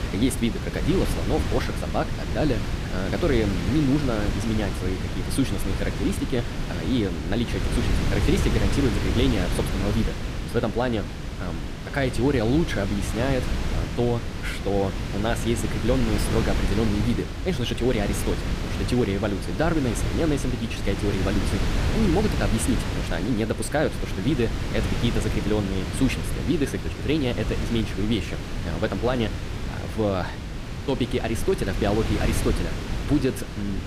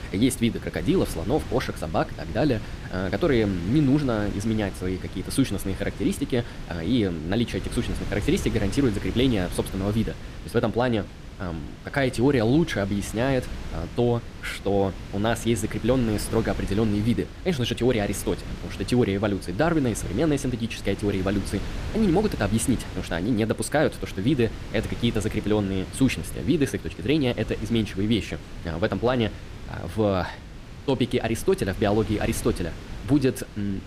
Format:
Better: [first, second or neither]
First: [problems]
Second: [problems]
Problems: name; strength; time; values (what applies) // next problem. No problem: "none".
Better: second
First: wind noise on the microphone; heavy; 5 dB below the speech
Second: wind noise on the microphone; occasional gusts; 15 dB below the speech